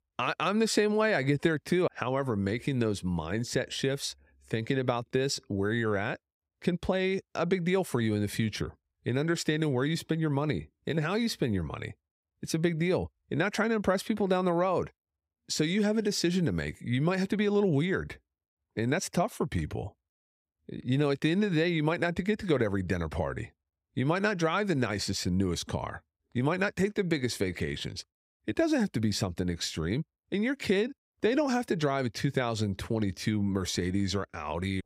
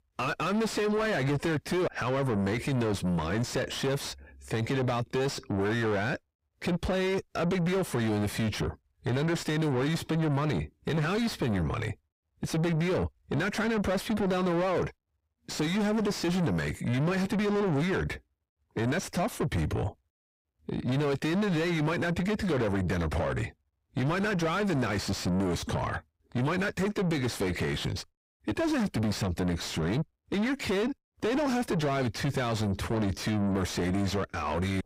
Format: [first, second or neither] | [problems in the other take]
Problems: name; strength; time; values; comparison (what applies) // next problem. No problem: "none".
first | distortion; heavy; 5 dB below the speech